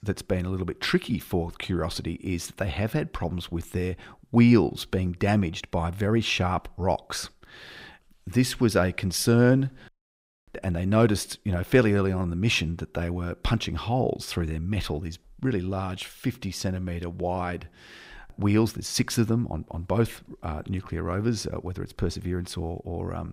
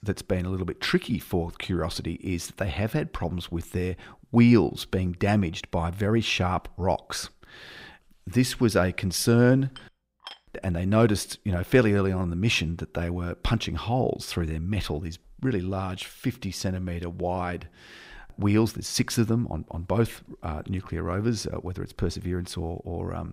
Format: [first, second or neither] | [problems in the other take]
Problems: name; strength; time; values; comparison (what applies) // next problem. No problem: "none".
first | clattering dishes; faint; at 10 s; peak 15 dB below the speech